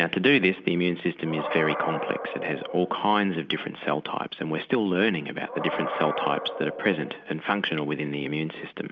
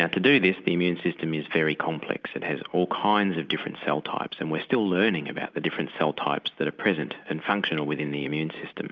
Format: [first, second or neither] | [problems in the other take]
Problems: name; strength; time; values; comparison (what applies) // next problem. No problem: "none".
second | background sound (Animal); 10 dB below the speech